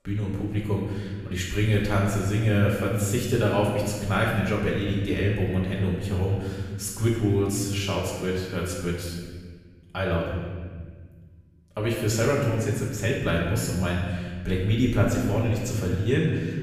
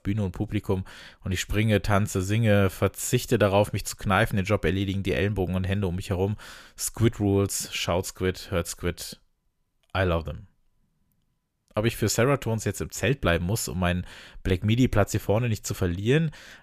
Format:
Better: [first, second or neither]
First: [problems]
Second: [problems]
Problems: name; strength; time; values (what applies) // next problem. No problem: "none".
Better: second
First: off-mic speech; far // room echo; noticeable; dies away in 1.6 s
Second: none